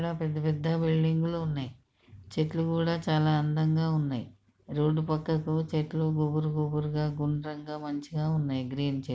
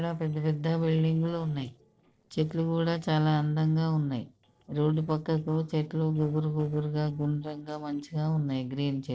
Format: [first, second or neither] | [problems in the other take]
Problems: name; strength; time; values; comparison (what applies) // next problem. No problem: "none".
first | noise reduction (neural separator model SepFormer DNS4)